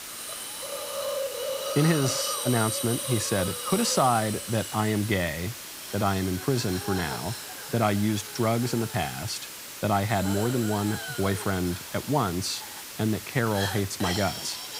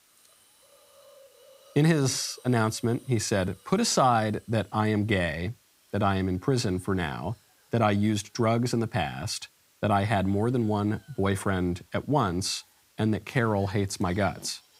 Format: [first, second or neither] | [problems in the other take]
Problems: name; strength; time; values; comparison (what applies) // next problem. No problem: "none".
second | hiss; loud; throughout; 6 dB below the speech; faint in the second